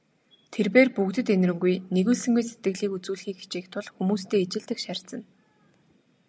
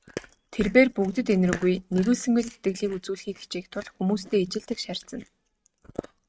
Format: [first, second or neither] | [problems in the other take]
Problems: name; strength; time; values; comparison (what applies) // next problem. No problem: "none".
first | noise reduction (neural mask model RNNoise)